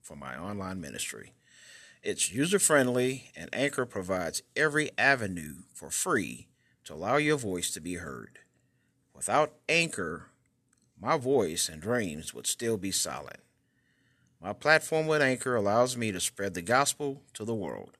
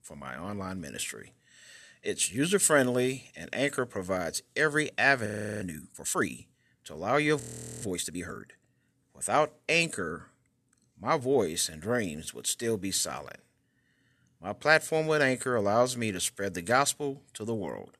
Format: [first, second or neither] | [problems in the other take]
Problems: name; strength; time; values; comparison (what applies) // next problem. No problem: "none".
first | audio freezing; at 5.5 s and at 7.5 s